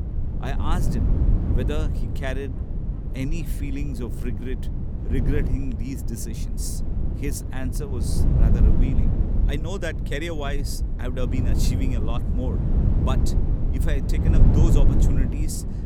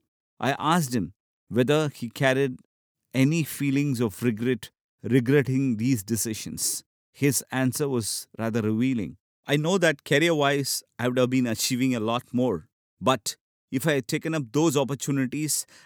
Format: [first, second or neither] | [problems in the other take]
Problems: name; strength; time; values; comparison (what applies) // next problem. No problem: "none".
second | wind noise on the microphone; heavy; 2 dB below the speech